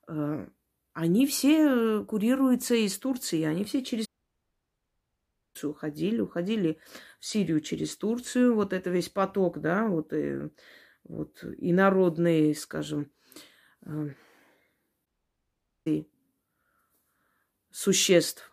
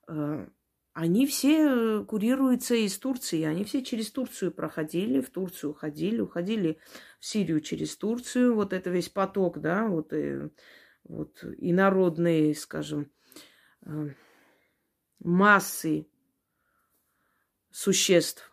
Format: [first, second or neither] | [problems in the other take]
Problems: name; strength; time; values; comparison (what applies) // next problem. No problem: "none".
second | audio cutting out; at 4 s for 1.5 s and at 15 s for 1 s